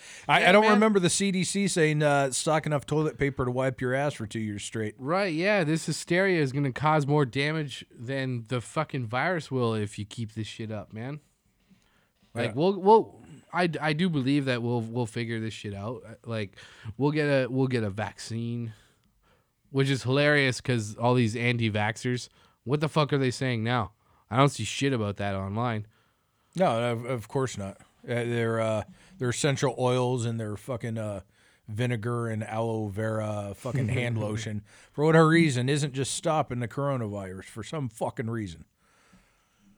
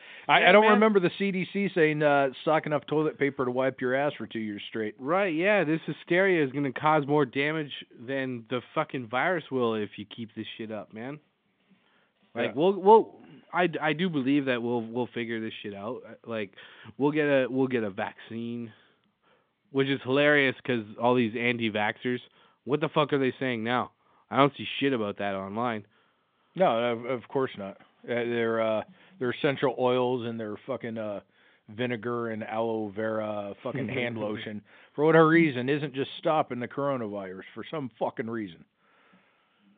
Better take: first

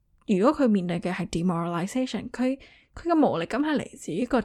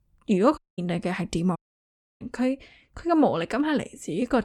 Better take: first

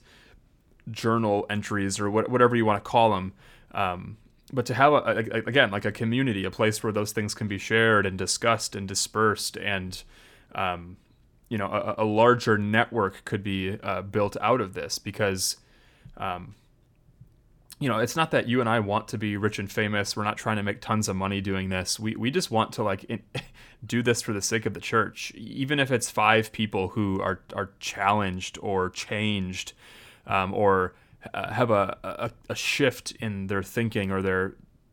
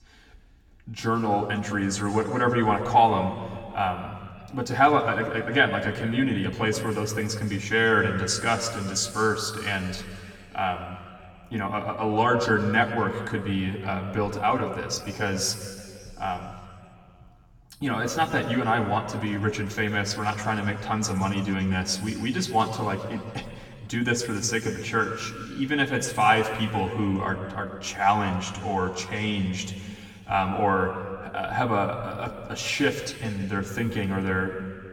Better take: first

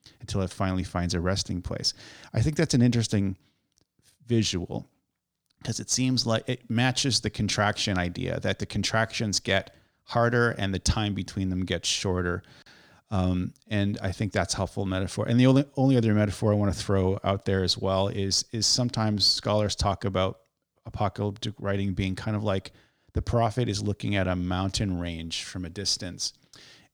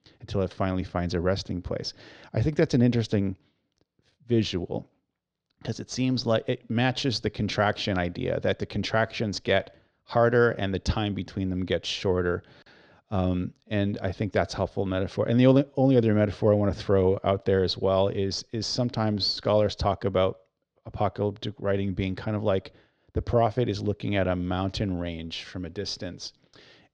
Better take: first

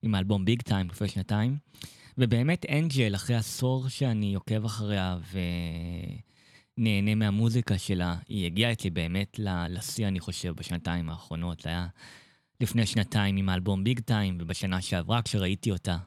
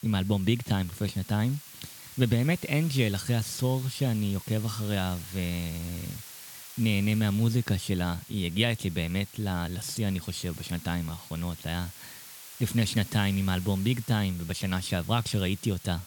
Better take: first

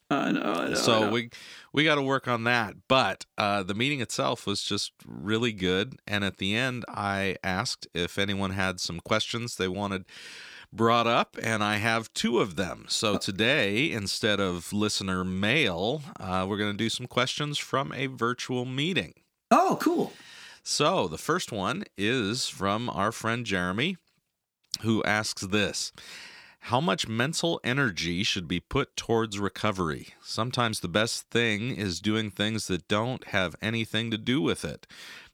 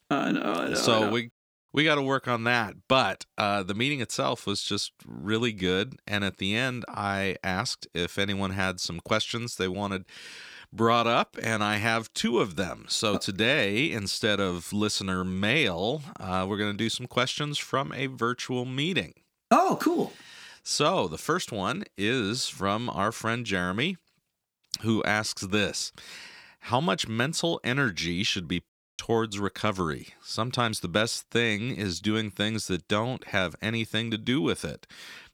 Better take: first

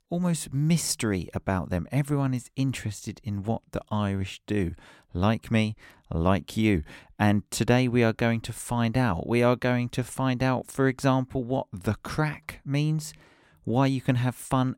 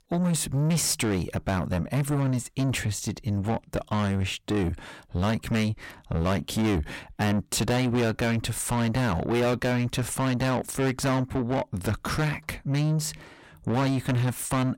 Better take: first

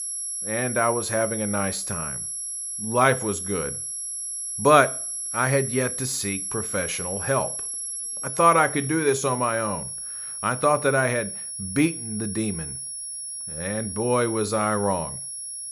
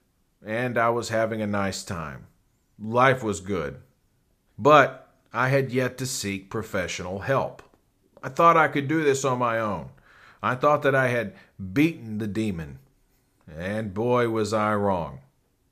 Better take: second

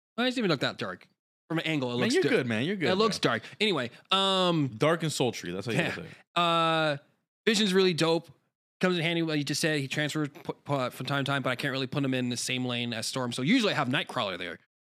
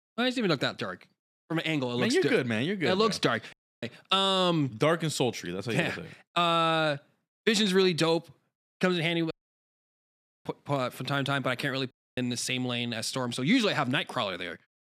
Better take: first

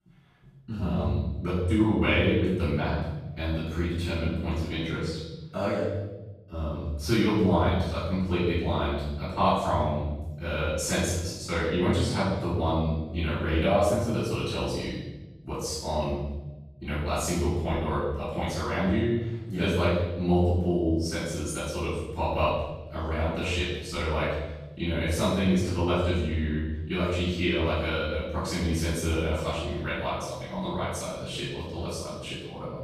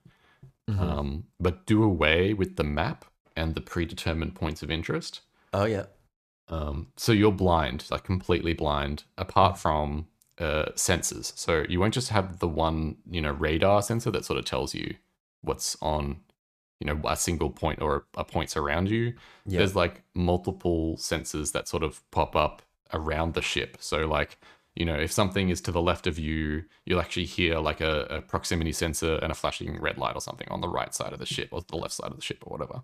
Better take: second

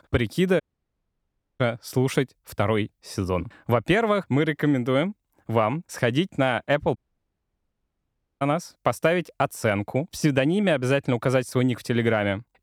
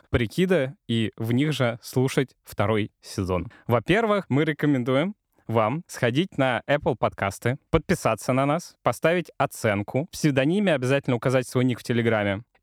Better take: second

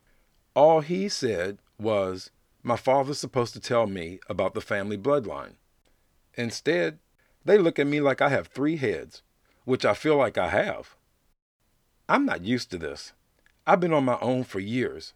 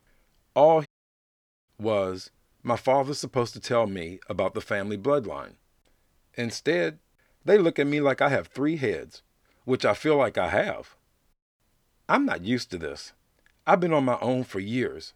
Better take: first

